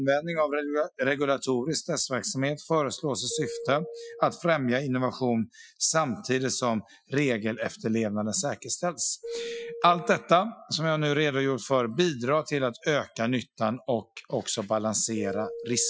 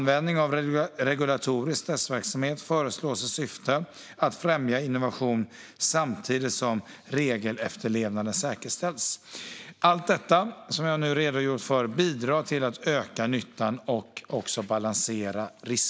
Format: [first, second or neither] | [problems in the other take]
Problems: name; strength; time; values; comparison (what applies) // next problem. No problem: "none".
second | noise reduction (classical method Wiener filter)